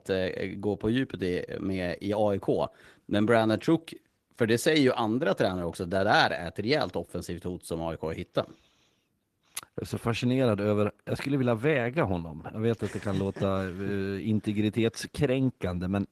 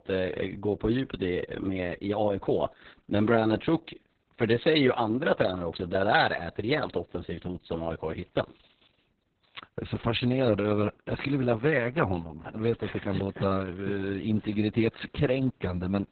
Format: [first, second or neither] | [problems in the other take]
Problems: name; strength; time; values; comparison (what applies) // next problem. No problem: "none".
first | garbled, watery; badly; nothing above 4 kHz; slightly in the first